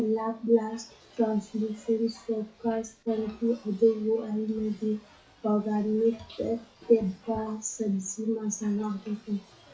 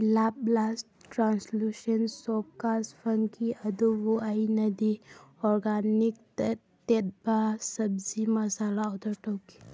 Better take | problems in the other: second | noise reduction (classical method WPE with log-MMSE)

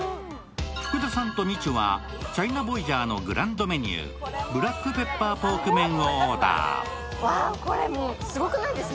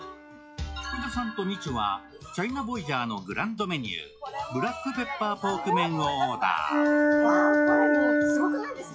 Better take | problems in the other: first | noise reduction (classical method log-MMSE)

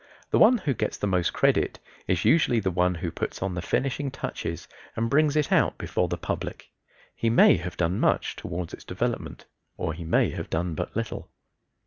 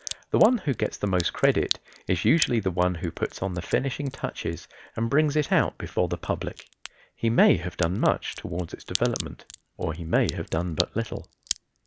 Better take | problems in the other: first | background sound (Crack); 14 dB below the speech

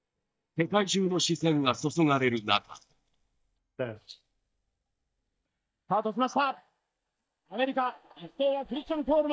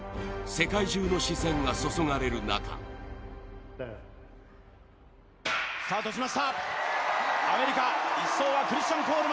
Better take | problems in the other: second | noise reduction (neural mask model DeepFilterNet 3)

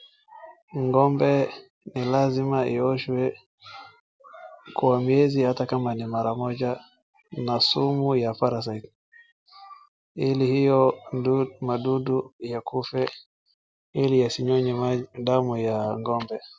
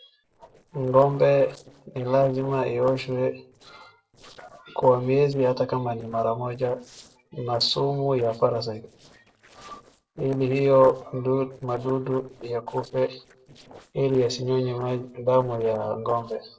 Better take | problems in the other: first | noise reduction (neural separator model SepFormer DNS4)

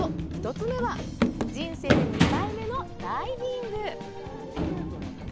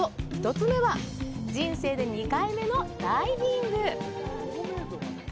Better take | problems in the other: second | background sound (Run); 3 dB above the speech

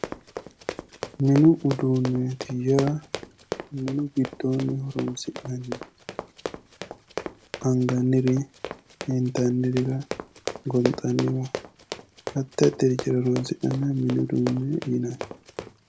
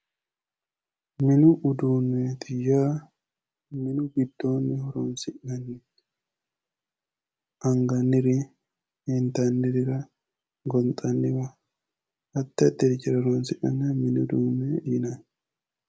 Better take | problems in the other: second | background sound (Run); 11 dB below the speech

